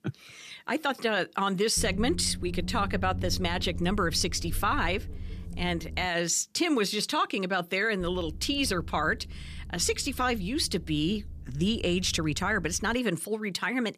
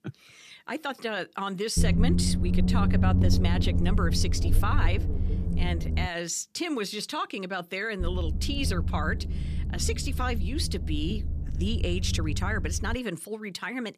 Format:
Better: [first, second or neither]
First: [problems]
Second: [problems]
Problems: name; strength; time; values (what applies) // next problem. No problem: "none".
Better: first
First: low rumble; faint; from 2 to 6 s and from 8 to 13 s; 25 dB below the speech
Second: low rumble; loud; from 2 to 6 s and from 8 to 13 s; 8 dB below the speech